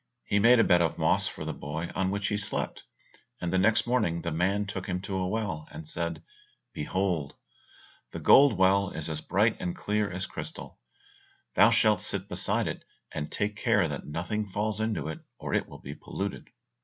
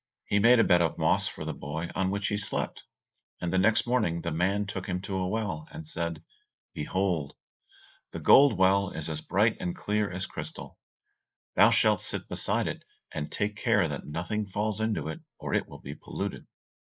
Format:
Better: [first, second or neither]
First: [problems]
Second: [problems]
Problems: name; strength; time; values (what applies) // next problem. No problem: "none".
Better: first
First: none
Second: noise reduction (neural mask model Resemble Enhance denoiser)